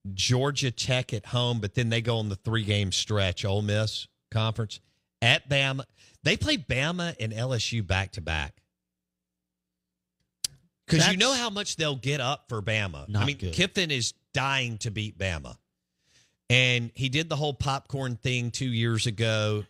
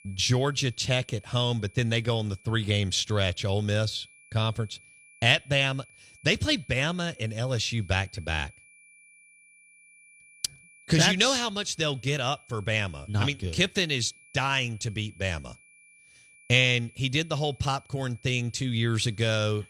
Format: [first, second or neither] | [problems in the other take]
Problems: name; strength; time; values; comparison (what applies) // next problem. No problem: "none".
first | high-pitched whine; faint; throughout; 2.5 kHz, 25 dB below the speech